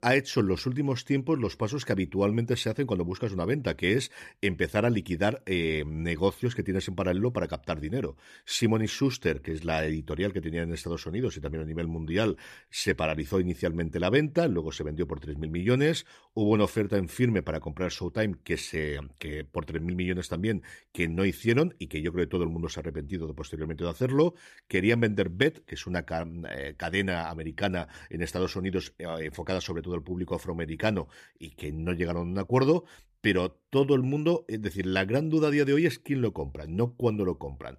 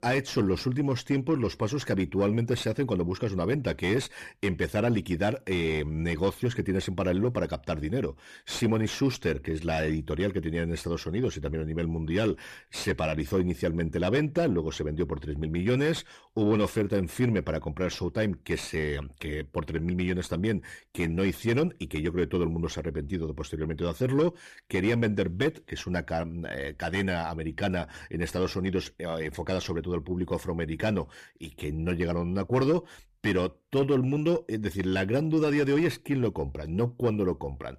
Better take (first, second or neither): first